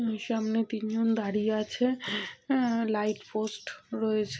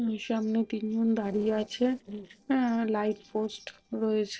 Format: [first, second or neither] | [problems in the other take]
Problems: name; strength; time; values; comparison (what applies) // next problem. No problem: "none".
first | noise reduction (neural separator model SepFormer DNS4)